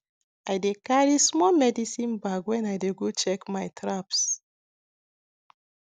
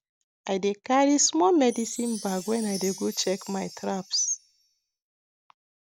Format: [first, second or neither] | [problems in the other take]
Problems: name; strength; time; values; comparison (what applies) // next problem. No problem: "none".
first | background sound (Chime); 15 dB below the speech